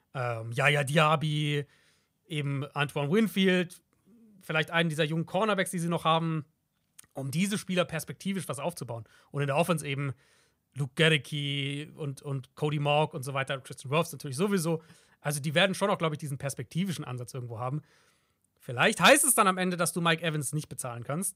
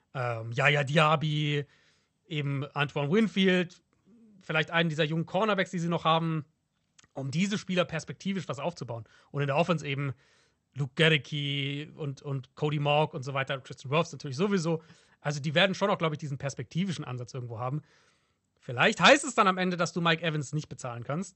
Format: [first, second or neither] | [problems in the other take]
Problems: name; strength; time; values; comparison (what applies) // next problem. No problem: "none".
first | garbled, watery; slightly; nothing above 8.5 kHz